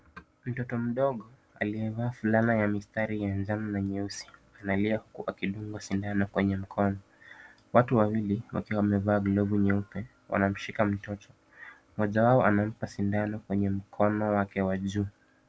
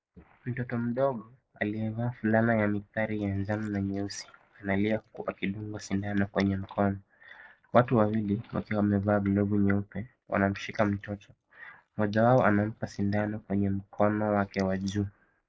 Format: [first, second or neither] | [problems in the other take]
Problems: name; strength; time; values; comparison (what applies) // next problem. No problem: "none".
first | noise reduction (neural mask model Resemble Enhance denoiser)